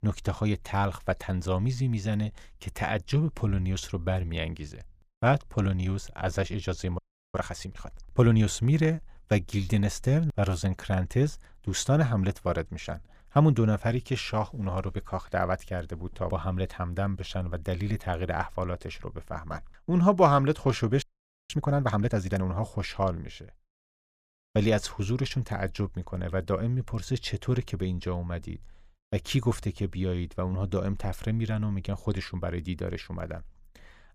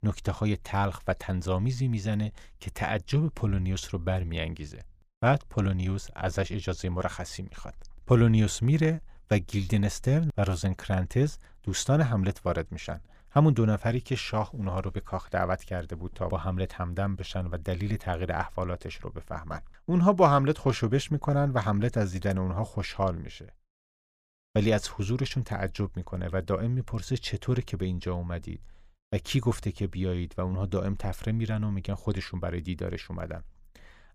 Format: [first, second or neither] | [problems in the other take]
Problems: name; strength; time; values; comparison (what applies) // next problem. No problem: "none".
second | audio freezing; at 7 s and at 21 s